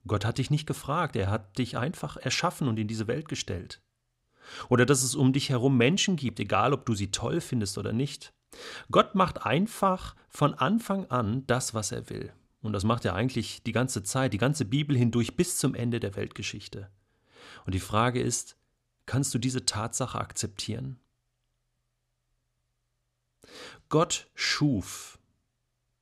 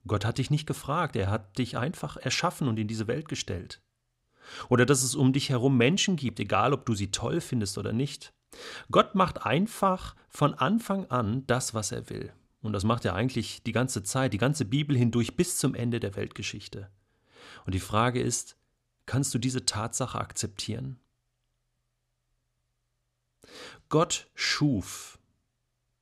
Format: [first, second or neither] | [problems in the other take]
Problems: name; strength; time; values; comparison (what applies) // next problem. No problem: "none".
neither | none